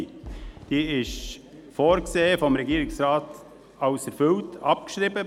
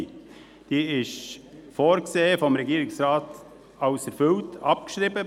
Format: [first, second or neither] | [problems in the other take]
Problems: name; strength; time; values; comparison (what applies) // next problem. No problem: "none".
second | background sound (Fireworks); 15 dB below the speech